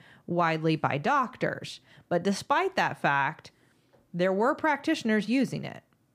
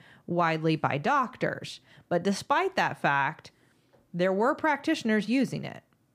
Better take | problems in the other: neither | none

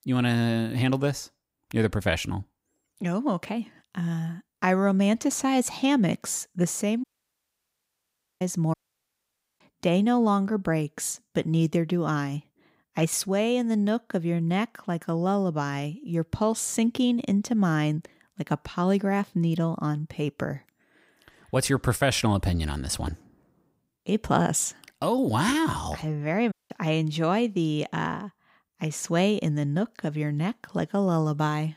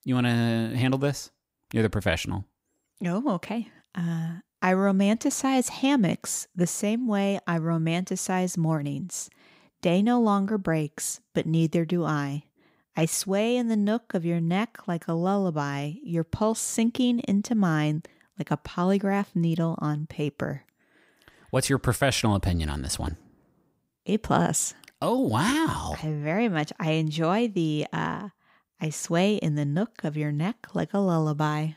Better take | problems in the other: second | audio cutting out; at 7 s for 1.5 s, at 8.5 s for 1 s and at 27 s

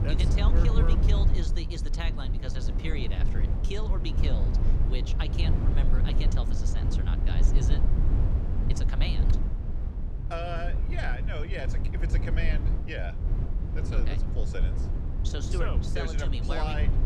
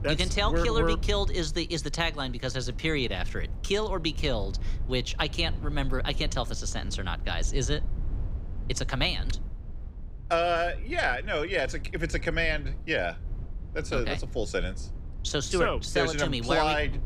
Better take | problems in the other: second | low rumble; loud; throughout; 4 dB below the speech; faint in the second

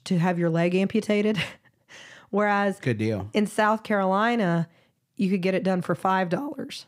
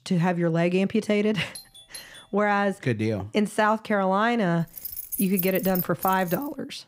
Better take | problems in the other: first | doorbell; faint; at 1.5 s; peak 15 dB below the speech // jangling keys; noticeable; from 5 s on; peak 4 dB below the speech

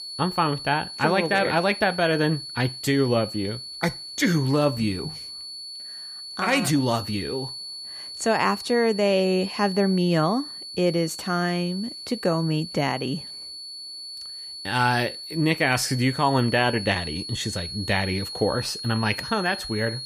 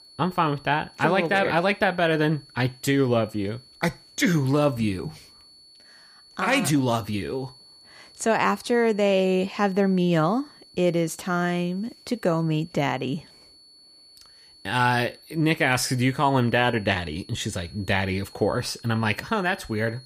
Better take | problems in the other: second | high-pitched whine; loud; throughout; 4.5 kHz, 10 dB below the speech; faint in the second

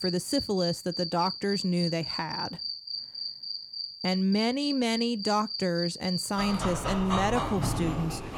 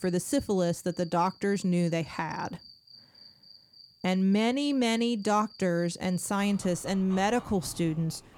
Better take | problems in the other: second | animal sounds; loud; throughout; 4 dB below the speech; faint in the second

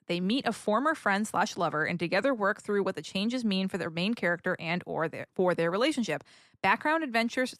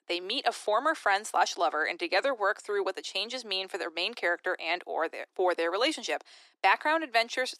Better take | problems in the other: first | thin; very; fading below 350 Hz

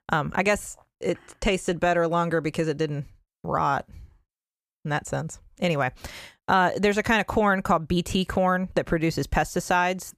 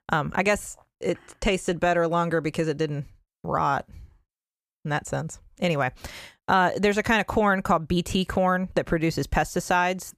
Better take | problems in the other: neither | none

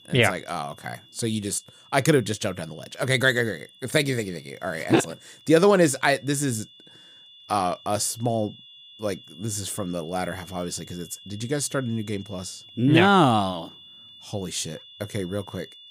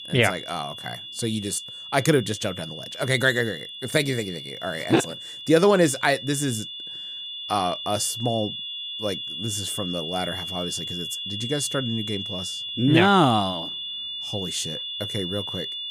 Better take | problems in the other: first | high-pitched whine; loud; throughout; 3.5 kHz, 7 dB below the speech; faint in the first

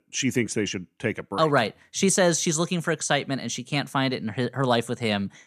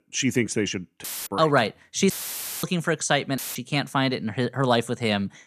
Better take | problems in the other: first | audio cutting out; filled with static; at 1 s, at 2 s for 0.5 s and at 3.5 s

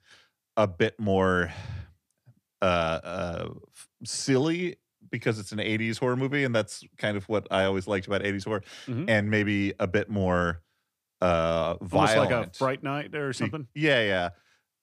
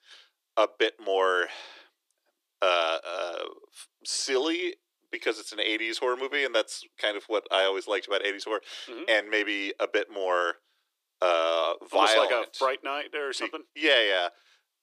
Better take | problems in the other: first | thin; very; fading below 350 Hz

